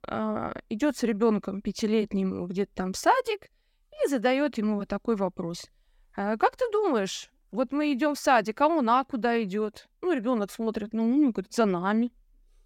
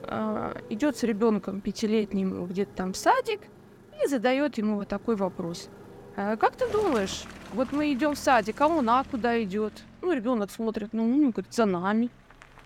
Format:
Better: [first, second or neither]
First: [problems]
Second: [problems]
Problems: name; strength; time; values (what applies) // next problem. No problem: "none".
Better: first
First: none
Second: traffic noise; noticeable; throughout; 20 dB below the speech